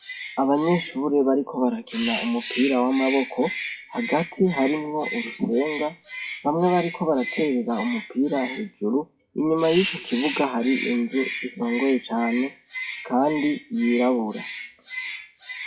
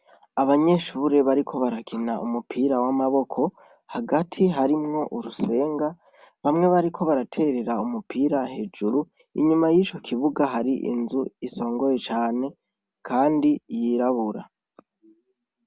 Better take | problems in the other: second | noise reduction (classical method WPE with log-MMSE)

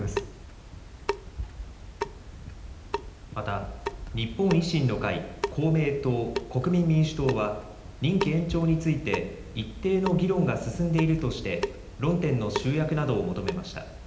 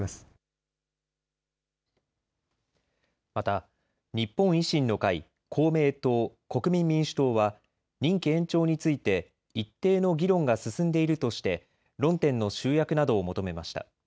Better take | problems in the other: second | background sound (Drip / Sink (filling or washing) / Water tap, faucet); 9 dB below the speech // room echo; dies away in 0.9 s

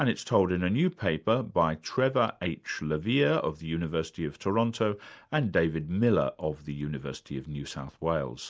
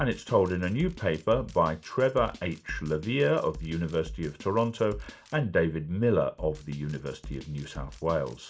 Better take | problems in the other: first | background sound (Drum kit); 16 dB below the speech // room echo; dies away in 0.2 s

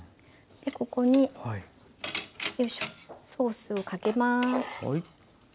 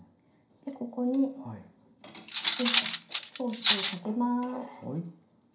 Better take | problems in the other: first | background sound (Cutlery, silverware); 3 dB above the speech // room echo; dies away in 0.5 s

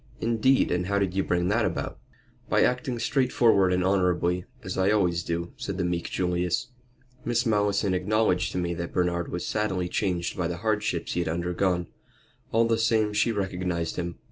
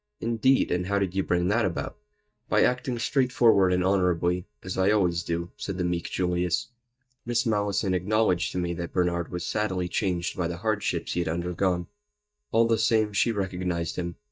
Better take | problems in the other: first | noise reduction (neural mask model DeepFilterNet 3)

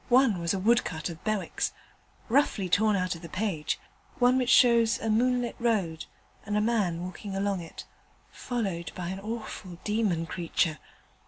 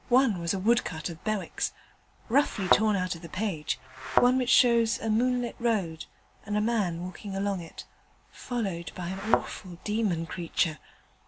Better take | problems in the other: first | background sound (Thump, thud); 2 dB below the speech

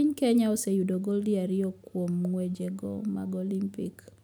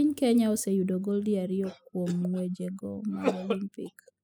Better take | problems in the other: first | noise reduction (classical method spectral subtraction)

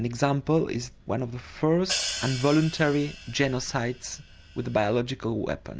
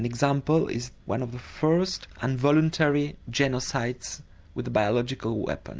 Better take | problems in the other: second | background sound (Hi-hat); 10 dB below the speech

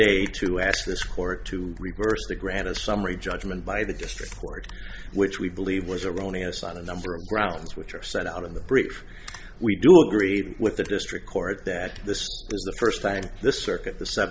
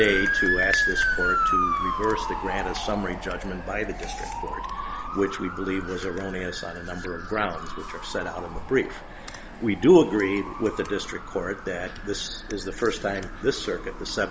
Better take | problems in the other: first | background sound (Motor vehicle (road) / Siren); 4 dB below the speech

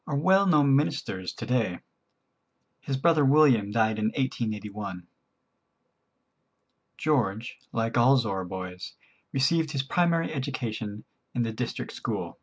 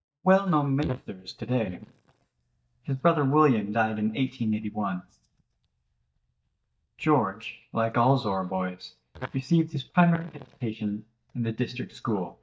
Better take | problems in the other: first | noise reduction (neural mask model DeepFilterNet 3)

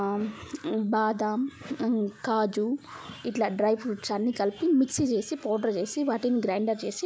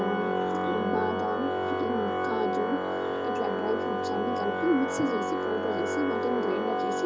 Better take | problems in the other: first | background sound (Organ); 3 dB above the speech // room echo; dies away in 0.2 s

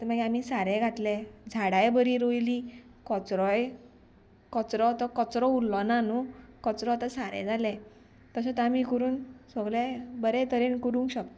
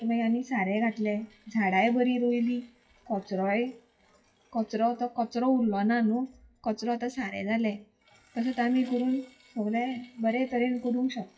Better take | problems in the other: first | noise reduction (classical method WPE with log-MMSE)

